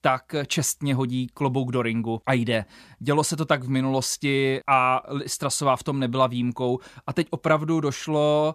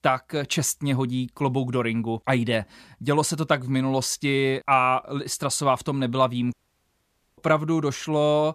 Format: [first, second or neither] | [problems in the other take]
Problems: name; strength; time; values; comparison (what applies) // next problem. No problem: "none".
first | audio cutting out; at 6.5 s for 1 s